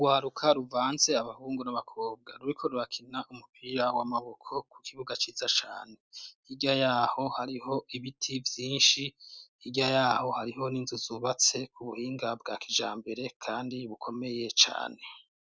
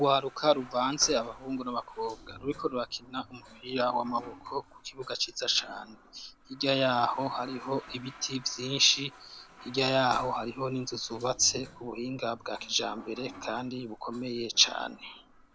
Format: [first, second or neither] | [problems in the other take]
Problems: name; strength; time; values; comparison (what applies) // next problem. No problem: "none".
first | background sound (Toilet flush); 19 dB below the speech